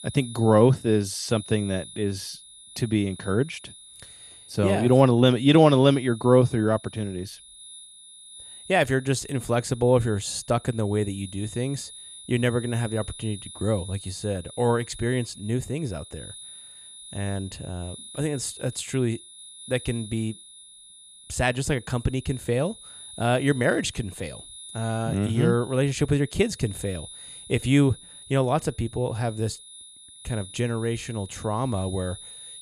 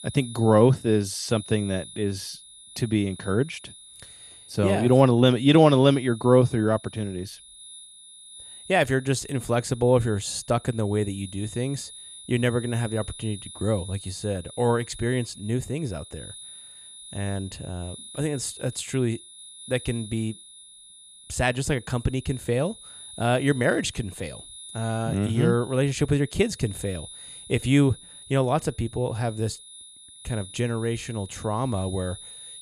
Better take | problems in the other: neither | high-pitched whine; noticeable; throughout; 10 kHz, 15 dB below the speech; the same in both

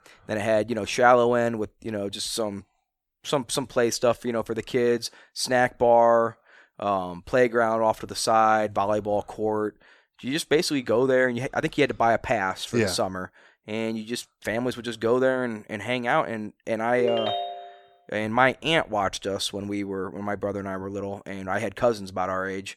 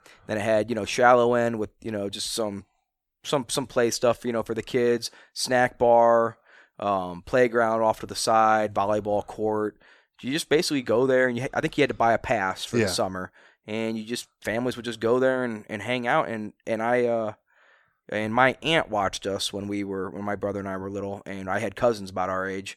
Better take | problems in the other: second | phone ringing; noticeable; at 17 s; peak 3 dB below the speech

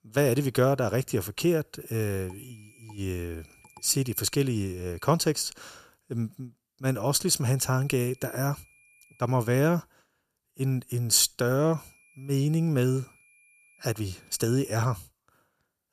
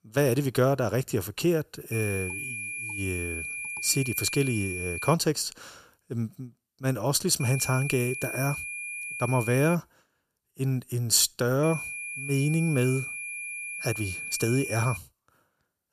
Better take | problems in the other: first | high-pitched whine; loud; from 2 to 5 s, from 7.5 to 10 s and from 12 to 15 s; 2.5 kHz, 6 dB below the speech; faint in the first

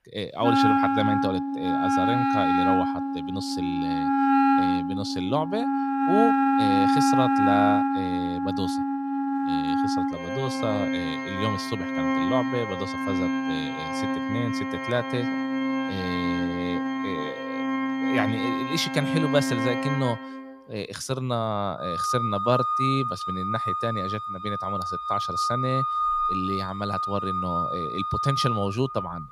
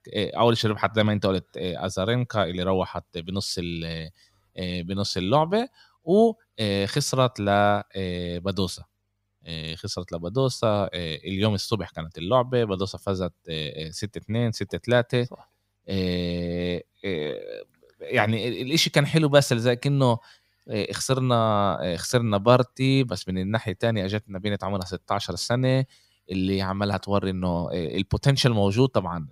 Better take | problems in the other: second | background music; very loud; throughout; 4 dB above the speech

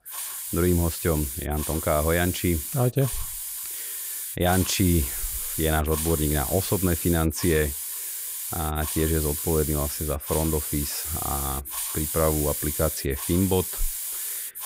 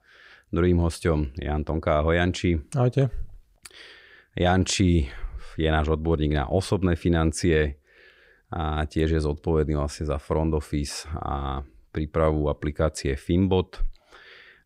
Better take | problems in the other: second | hiss; loud; throughout; 3 dB below the speech

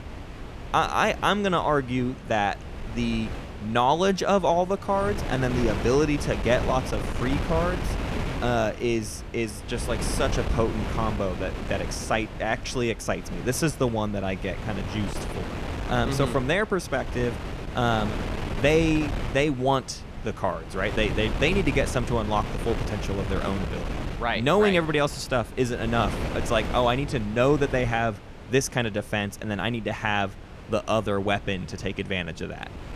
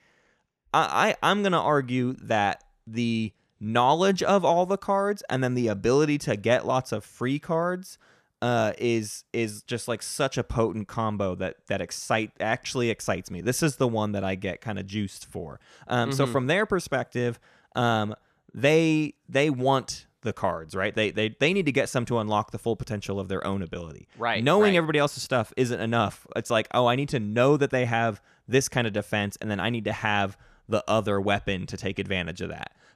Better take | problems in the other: second | wind noise on the microphone; occasional gusts; 10 dB below the speech

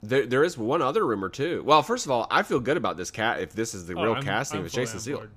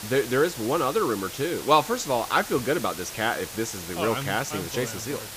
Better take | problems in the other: first | hiss; noticeable; throughout; 10 dB below the speech

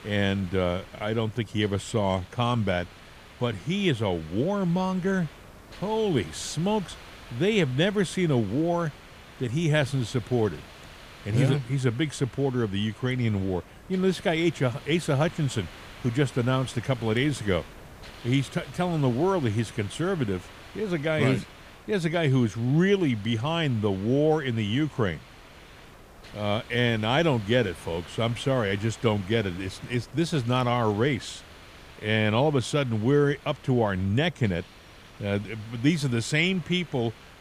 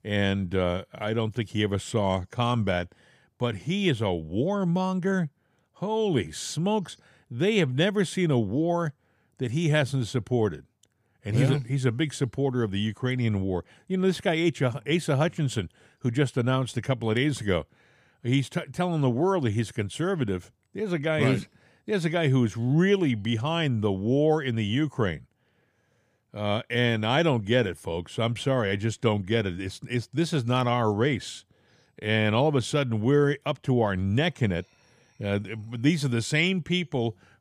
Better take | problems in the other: second | hiss; noticeable; throughout; 20 dB below the speech

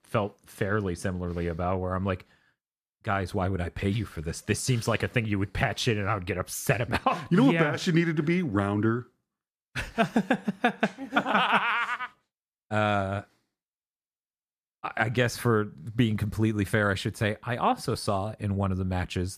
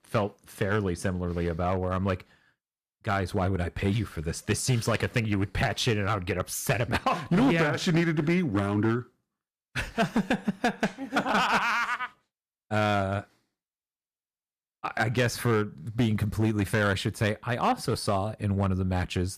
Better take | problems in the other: first | distortion; slight; 4% of the sound clipped

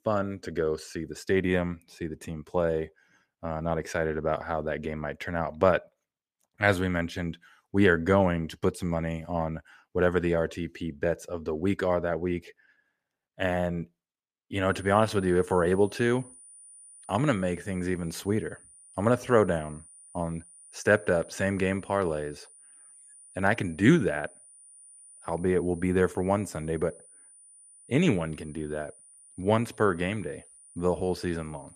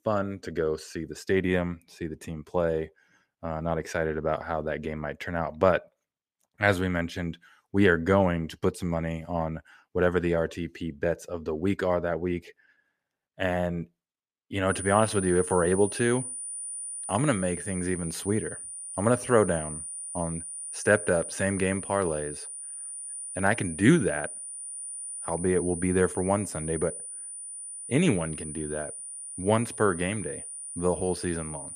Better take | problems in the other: first | high-pitched whine; loud; from 15 s on; 9.5 kHz, 8 dB below the speech; faint in the first

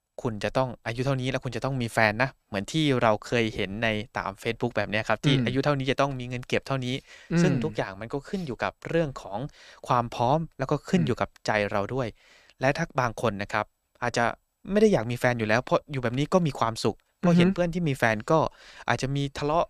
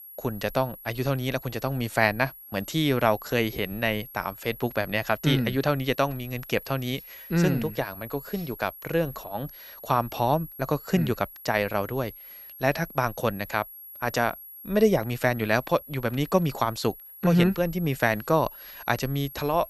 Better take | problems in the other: first | high-pitched whine; noticeable; throughout; 11.5 kHz, 15 dB below the speech

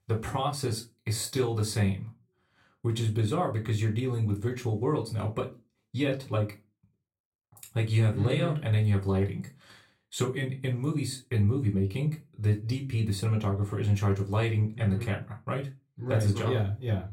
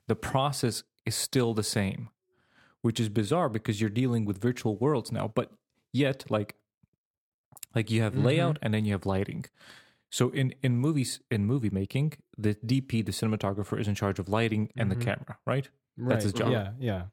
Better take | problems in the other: second | off-mic speech; somewhat distant // room echo; very slight; dies away in 0.2 s

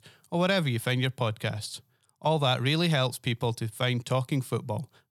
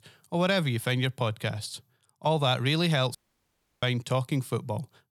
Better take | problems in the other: first | audio cutting out; at 3 s for 0.5 s

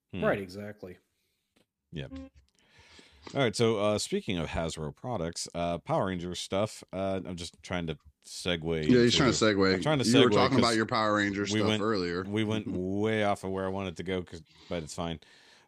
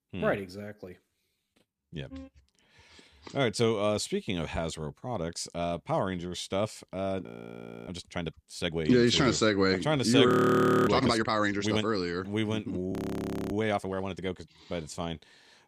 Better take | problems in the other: first | audio freezing; at 7.5 s for 0.5 s, at 10 s for 0.5 s and at 13 s for 0.5 s

